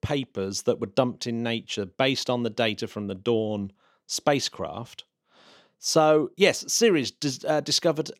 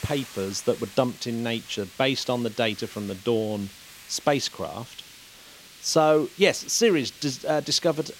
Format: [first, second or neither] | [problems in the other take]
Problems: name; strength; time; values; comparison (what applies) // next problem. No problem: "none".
first | hiss; noticeable; throughout; 20 dB below the speech